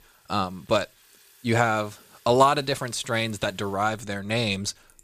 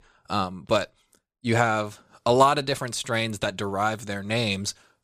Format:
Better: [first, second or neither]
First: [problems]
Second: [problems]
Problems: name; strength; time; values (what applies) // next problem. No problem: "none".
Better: second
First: household noises; faint; throughout; 30 dB below the speech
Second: none